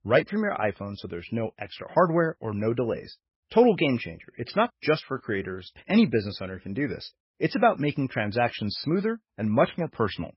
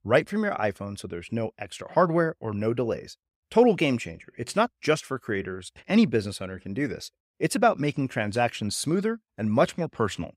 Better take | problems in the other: second | garbled, watery; badly; nothing above 5.5 kHz

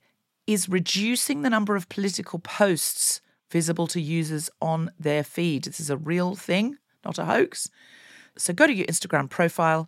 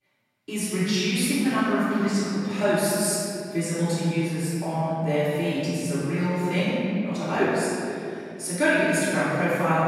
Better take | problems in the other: first | off-mic speech; far // room echo; strong; dies away in 2.6 s

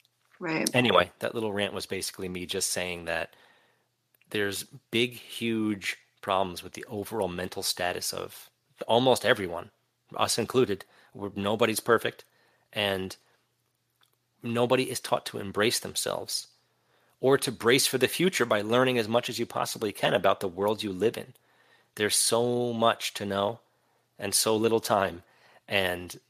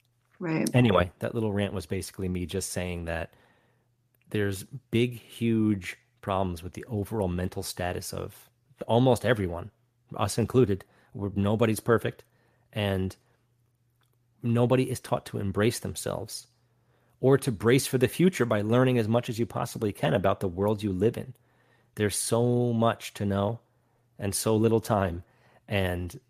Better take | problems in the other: second | thin; somewhat; fading below 1 kHz

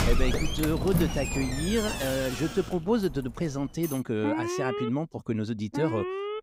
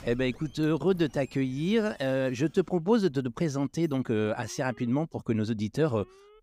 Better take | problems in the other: second | alarms or sirens; loud; throughout; 2 dB below the speech; faint in the second

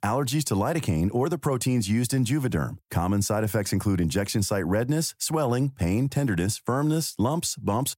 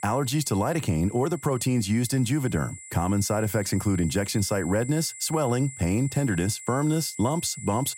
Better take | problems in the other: first | high-pitched whine; noticeable; throughout; 7.5 kHz, 15 dB below the speech

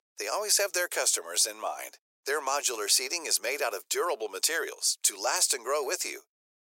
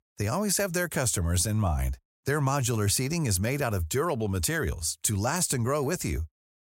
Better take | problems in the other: second | thin; very; fading below 400 Hz

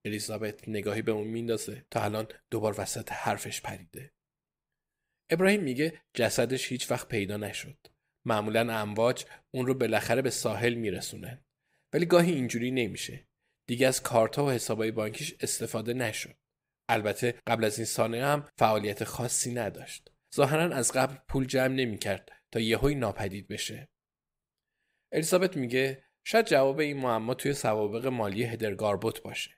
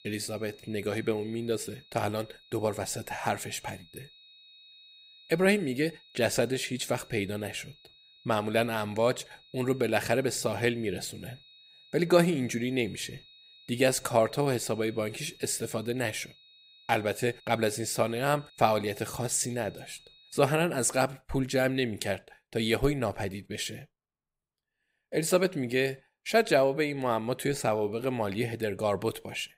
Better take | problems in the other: first | high-pitched whine; faint; until 21 s; 4 kHz, 25 dB below the speech

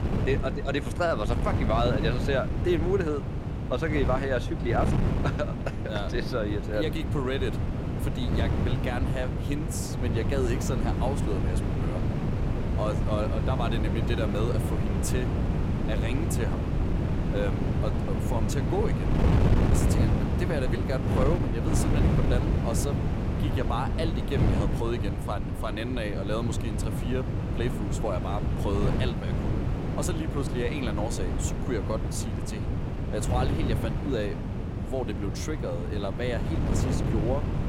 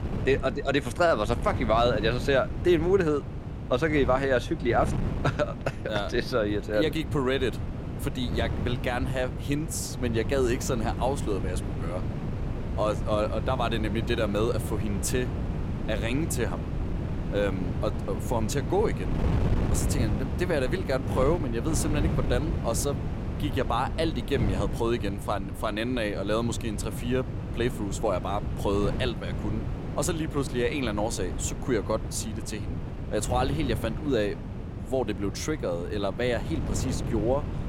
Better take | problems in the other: second | wind noise on the microphone; heavy; 3 dB below the speech; occasional gusts in the second

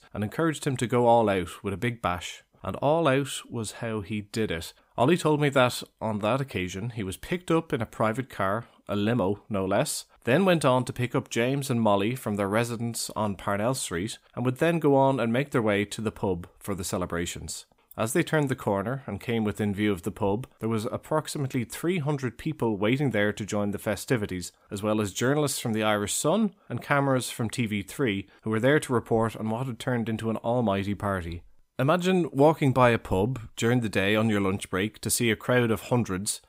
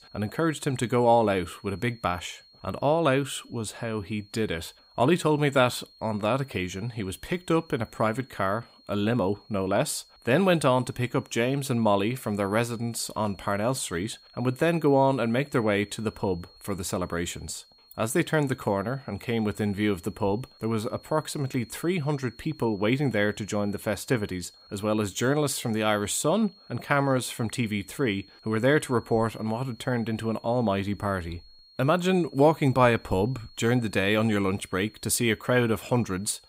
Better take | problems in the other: first | high-pitched whine; faint; throughout; 4.5 kHz, 25 dB below the speech

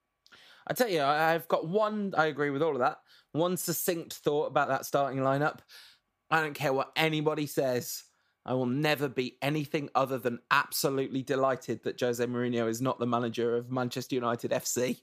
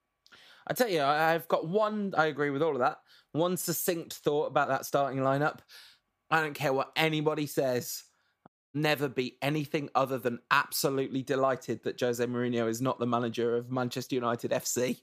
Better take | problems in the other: first | audio cutting out; at 8.5 s

